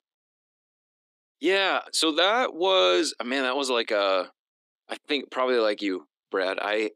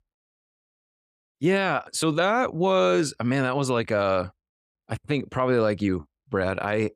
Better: second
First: thin; somewhat; fading below 300 Hz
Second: none

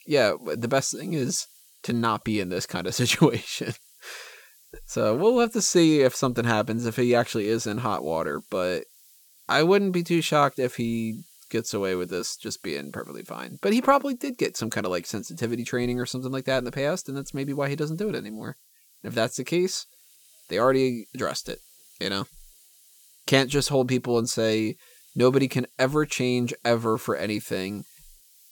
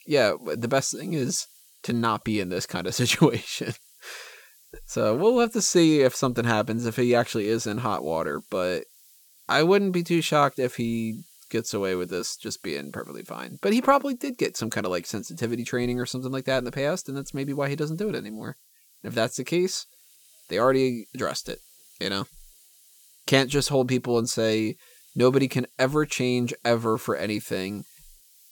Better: neither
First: hiss; faint; throughout; 25 dB below the speech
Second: hiss; faint; throughout; 25 dB below the speech

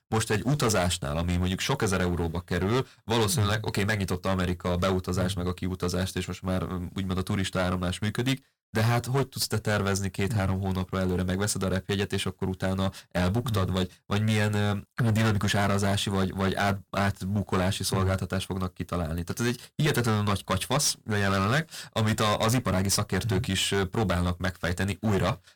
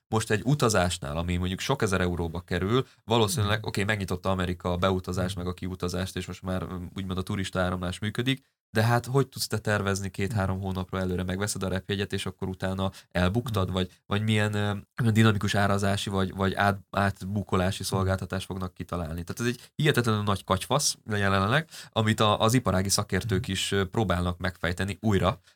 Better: second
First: distortion; heavy; 11% of the sound clipped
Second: none

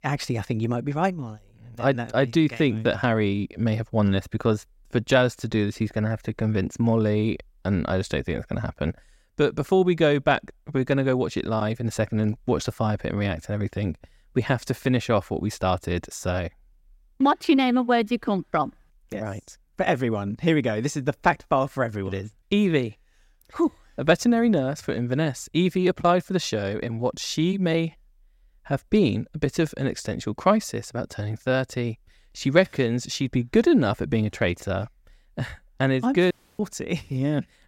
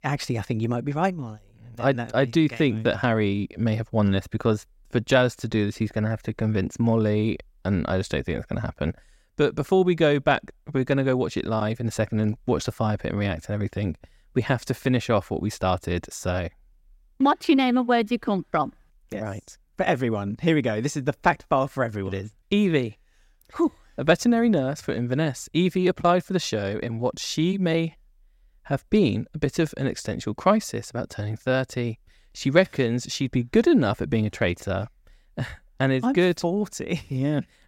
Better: second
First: audio cutting out; at 36 s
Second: none

